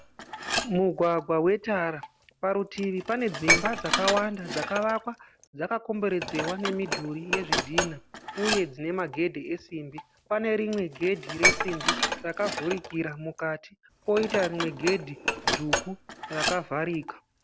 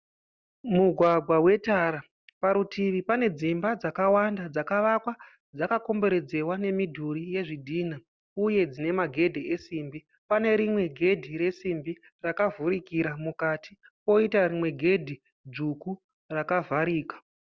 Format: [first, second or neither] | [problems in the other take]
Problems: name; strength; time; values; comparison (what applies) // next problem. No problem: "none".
second | background sound (Dishes, pots, and pans); 2 dB below the speech